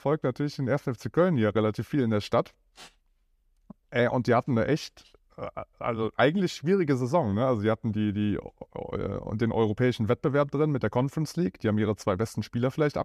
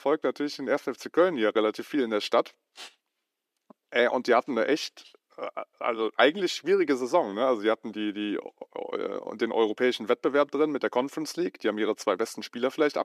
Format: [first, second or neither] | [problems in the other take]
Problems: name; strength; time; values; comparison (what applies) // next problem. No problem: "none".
first | thin; somewhat; fading below 300 Hz